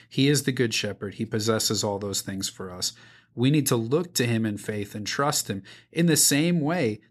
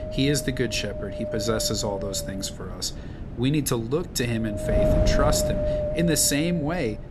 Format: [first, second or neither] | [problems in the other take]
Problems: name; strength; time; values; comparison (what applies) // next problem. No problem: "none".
first | wind noise on the microphone; heavy; 1 dB below the speech